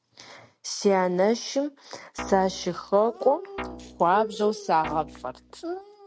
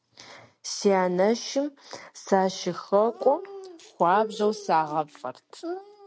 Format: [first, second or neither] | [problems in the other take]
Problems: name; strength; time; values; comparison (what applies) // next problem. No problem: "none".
second | background sound (Guitar); 15 dB below the speech